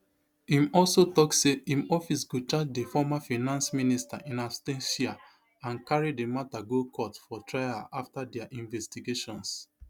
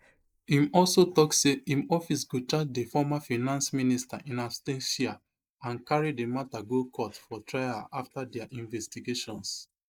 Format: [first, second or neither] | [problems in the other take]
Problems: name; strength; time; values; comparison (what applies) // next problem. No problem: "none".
first | noise reduction (neural mask model Resemble Enhance denoiser)